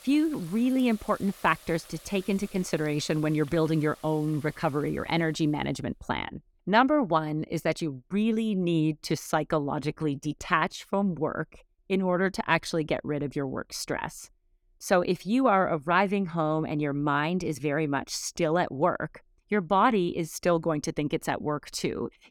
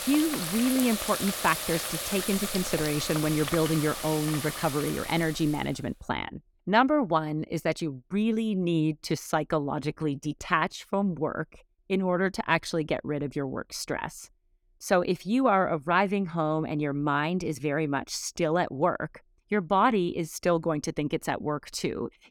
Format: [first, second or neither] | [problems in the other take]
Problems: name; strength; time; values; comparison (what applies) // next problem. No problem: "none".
first | household noises; loud; until 5 s; 4 dB below the speech; faint in the first